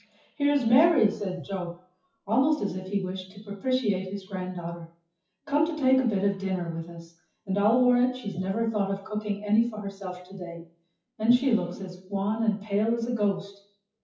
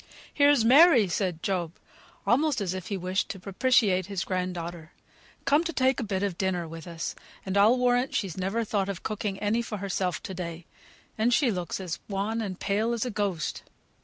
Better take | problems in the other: second | noise reduction (classical method WPE with log-MMSE)

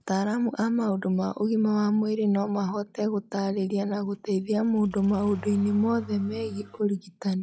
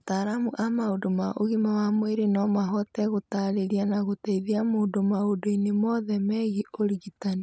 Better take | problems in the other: second | noise reduction (classical method log-MMSE)

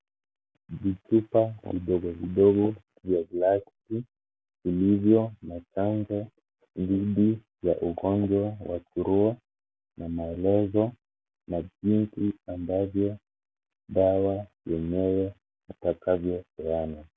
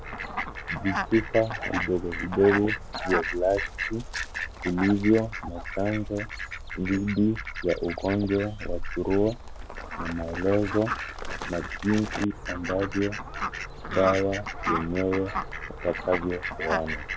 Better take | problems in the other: first | background sound (Fowl); 5 dB below the speech

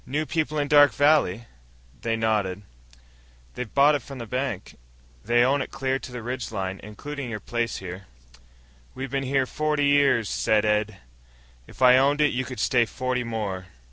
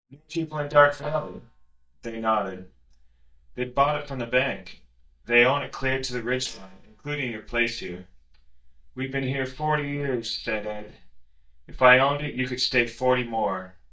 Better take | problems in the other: first | noise reduction (neural mask model DeepFilterNet 3)

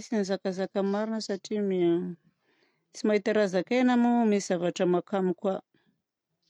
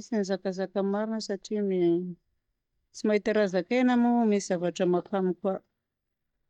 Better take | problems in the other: first | noise reduction (neural mask model DeepFilterNet 3)

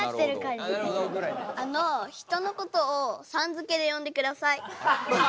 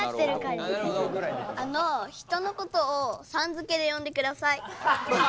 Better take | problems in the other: first | background sound (Typing); 15 dB below the speech

